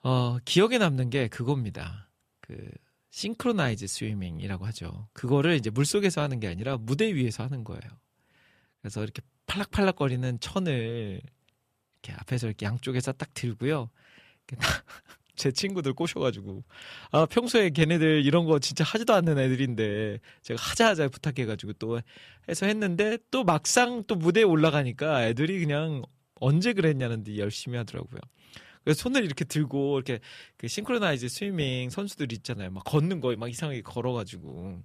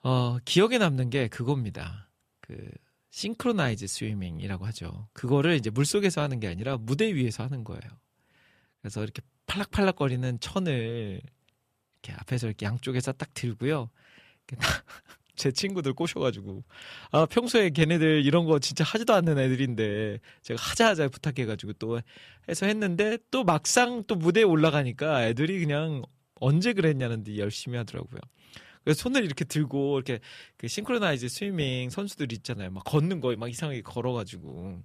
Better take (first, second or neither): neither